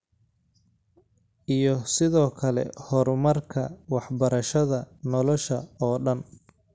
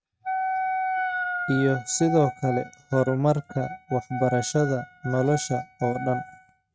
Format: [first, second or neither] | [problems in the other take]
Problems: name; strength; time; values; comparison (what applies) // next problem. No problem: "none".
first | noise reduction (neural mask model RNNoise)